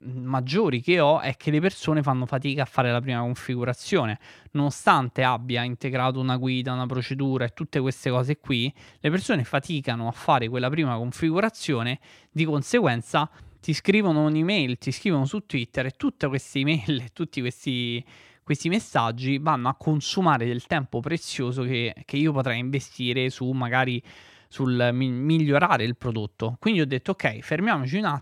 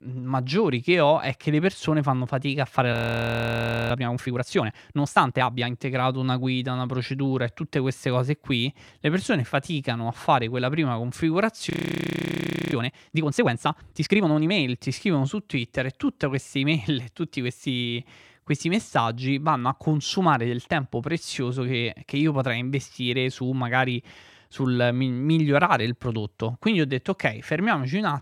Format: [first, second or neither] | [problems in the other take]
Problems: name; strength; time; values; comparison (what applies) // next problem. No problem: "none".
first | audio freezing; at 3 s for 1 s and at 12 s for 1 s